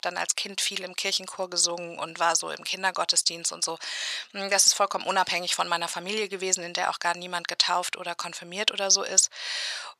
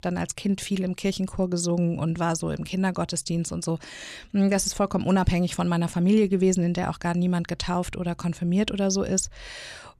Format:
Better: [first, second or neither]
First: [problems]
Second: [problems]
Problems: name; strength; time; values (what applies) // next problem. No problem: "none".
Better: second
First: thin; very; fading below 900 Hz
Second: none